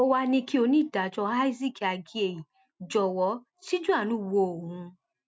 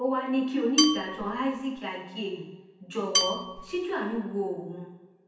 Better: first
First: none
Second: background sound (Dishes, pots, and pans / Glass / Bell); 1 dB below the speech // room echo; dies away in 0.9 s

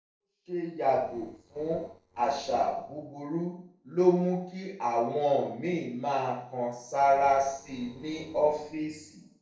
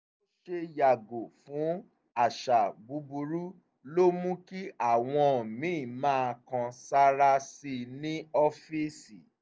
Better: second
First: noise reduction (neural separator model SepFormer DNS4)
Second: none

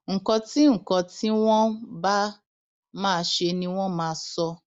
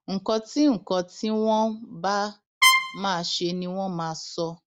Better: first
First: none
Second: background sound (Trumpet); 4 dB above the speech

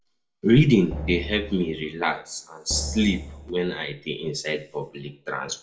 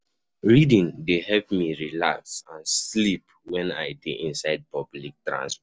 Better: second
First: background sound (Drum); 12 dB below the speech // room echo; dies away in 0.4 s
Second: none

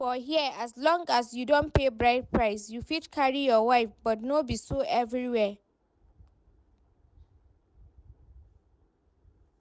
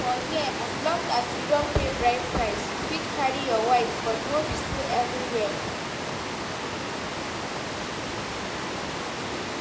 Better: first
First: none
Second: background sound (Water); 1 dB below the speech // room echo; dies away in 0.7 s

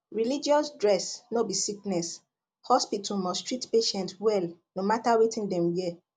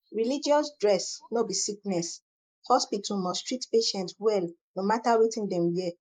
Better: first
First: none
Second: noise reduction (neural mask model Resemble Enhance denoiser)

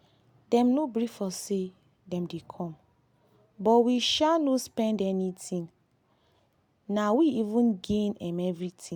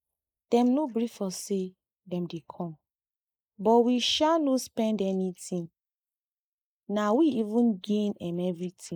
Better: first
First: none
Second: noise reduction (neural mask model Resemble Enhance denoiser)

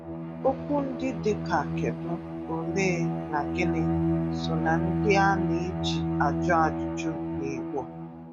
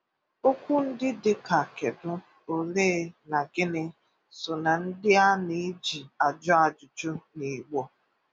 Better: second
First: background sound (Bowed string instrument); 1 dB above the speech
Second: none

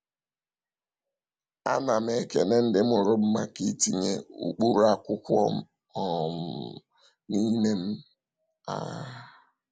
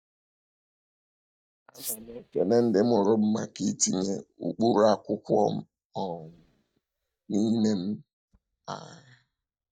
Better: first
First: none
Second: noise reduction (neural mask model DeepFilterNet 3)

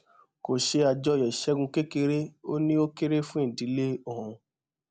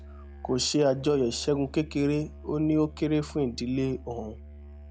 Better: first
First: none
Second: background sound (Musical instrument); 17 dB below the speech

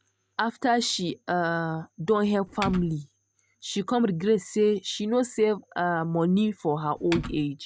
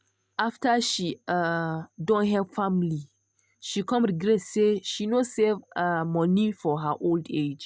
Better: second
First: background sound (Typing); 9 dB below the speech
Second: none

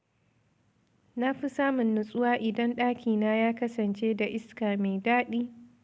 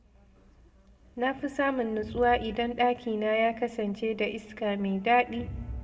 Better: first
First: none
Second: background sound (Crowd); 17 dB below the speech // room echo; dies away in 0.4 s

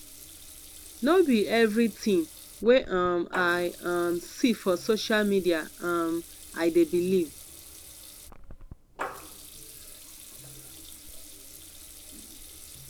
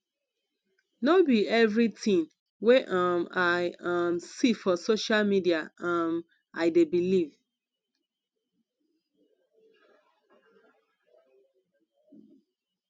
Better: second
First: background sound (Water tap, faucet / Liquid); 16 dB below the speech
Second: none

